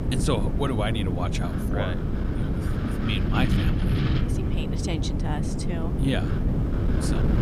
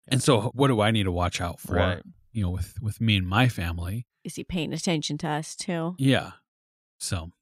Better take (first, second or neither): second